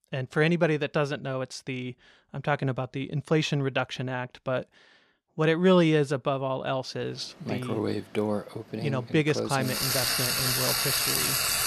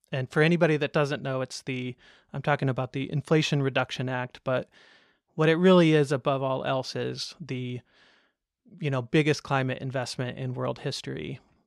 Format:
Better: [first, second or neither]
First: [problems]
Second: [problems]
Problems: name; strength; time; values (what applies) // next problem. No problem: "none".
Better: second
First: household noises; very loud; from 7 s on; 1 dB above the speech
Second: none